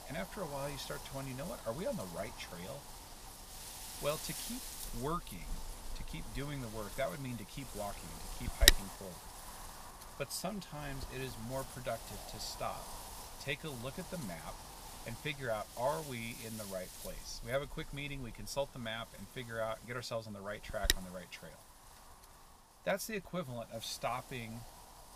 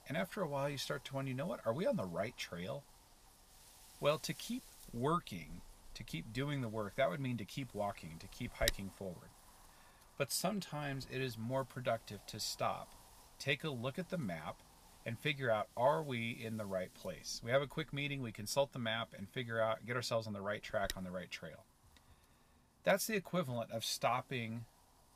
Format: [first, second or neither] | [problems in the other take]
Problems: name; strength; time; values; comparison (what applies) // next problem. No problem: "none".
second | wind noise on the microphone; heavy; as loud as the speech; occasional gusts in the second